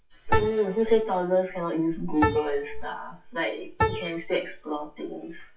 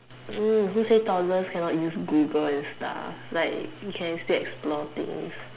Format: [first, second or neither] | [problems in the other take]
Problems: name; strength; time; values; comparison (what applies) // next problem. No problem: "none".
second | noise reduction (classical method WPE with log-MMSE)